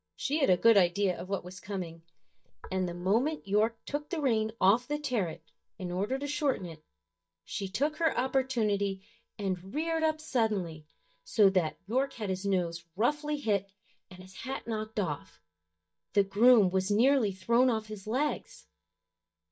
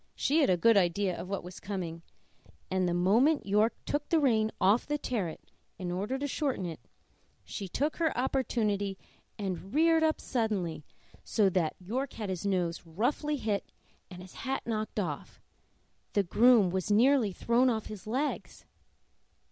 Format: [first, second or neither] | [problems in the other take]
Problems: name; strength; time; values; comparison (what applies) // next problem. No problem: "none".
second | noise reduction (neural mask model DeepFilterNet 3)